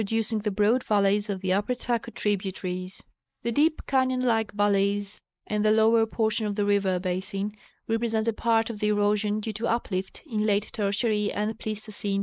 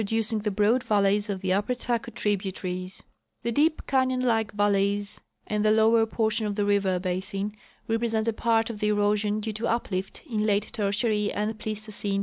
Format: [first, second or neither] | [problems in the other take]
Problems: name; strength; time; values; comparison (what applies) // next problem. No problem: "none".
second | noise reduction (neural mask model Resemble Enhance denoiser)